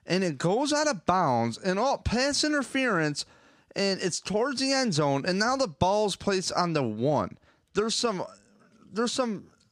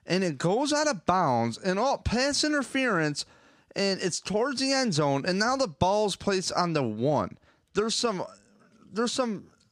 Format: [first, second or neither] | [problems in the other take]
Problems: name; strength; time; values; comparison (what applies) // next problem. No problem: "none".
neither | none